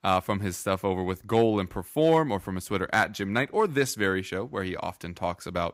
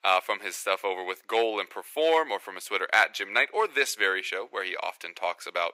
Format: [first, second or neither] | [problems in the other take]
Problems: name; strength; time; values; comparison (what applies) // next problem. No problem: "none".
first | thin; very; fading below 450 Hz